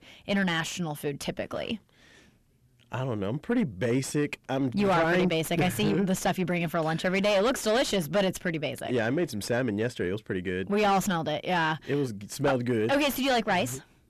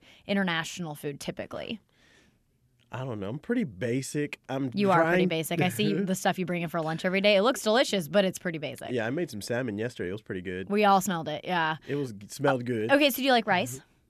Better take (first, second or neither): second